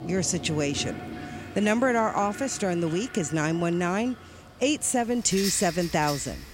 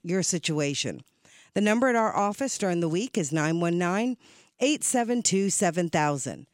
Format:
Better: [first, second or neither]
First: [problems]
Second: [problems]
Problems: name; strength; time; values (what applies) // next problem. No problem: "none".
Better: second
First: household noises; noticeable; throughout; 10 dB below the speech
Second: none